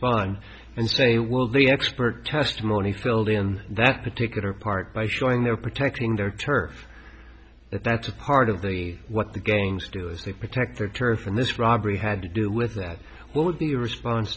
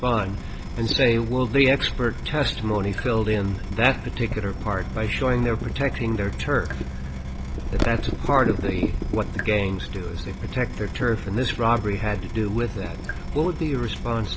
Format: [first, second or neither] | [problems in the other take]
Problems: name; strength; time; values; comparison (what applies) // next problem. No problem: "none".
first | background sound (Drip / Water tap, faucet); 4 dB below the speech